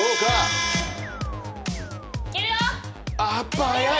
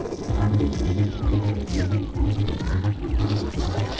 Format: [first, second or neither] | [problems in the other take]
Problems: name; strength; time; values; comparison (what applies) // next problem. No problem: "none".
first | noise reduction (neural separator model SepFormer DNS4)